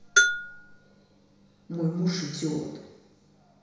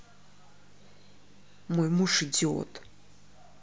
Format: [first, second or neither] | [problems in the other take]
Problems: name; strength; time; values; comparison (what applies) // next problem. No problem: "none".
second | background sound (Bell); 4 dB above the speech // room echo; dies away in 1 s